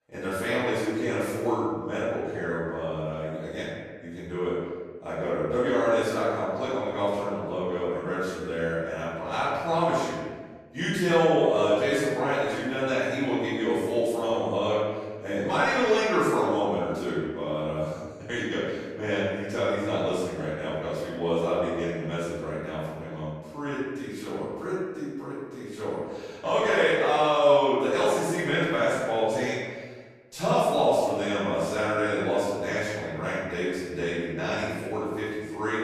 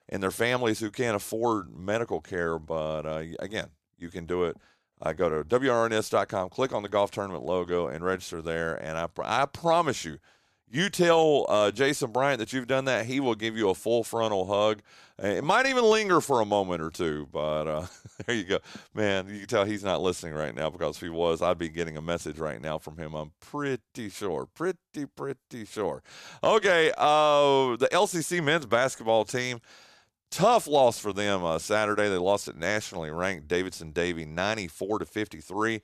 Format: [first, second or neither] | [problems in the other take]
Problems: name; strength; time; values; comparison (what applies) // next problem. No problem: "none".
second | room echo; strong; dies away in 1.4 s // off-mic speech; far